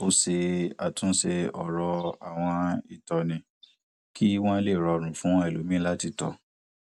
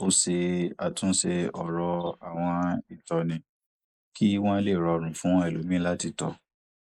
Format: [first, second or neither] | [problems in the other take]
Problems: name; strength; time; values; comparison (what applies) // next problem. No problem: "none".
first | noise reduction (neural mask model Resemble Enhance denoiser)